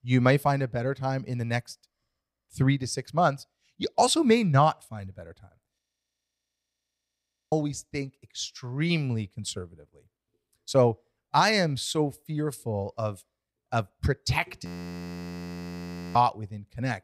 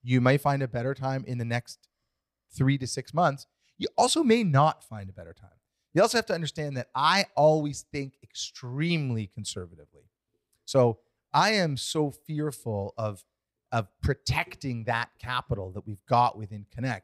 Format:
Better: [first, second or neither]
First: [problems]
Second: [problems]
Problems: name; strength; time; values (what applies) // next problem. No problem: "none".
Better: second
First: audio freezing; at 6 s for 1.5 s and at 15 s for 1.5 s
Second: none